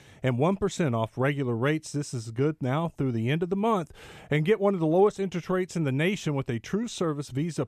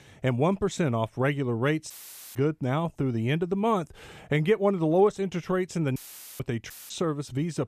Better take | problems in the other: first | audio cutting out; filled with static; at 2 s, at 6 s and at 6.5 s

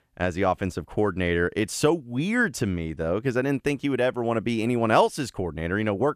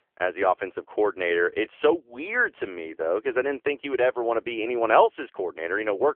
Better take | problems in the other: first | phone-call audio; poor line; nothing above 3 kHz

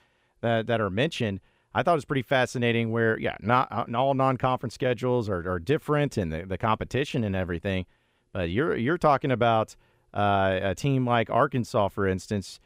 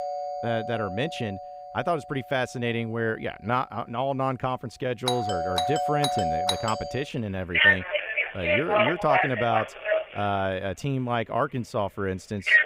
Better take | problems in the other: first | alarms or sirens; very loud; throughout; 3 dB above the speech

